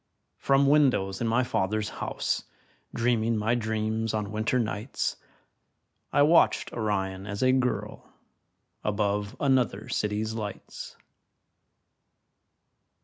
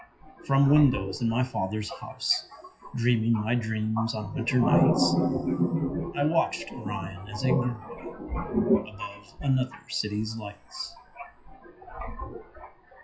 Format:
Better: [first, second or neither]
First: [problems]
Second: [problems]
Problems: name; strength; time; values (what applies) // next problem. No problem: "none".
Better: first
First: none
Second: noise reduction (classical method WPE with log-MMSE)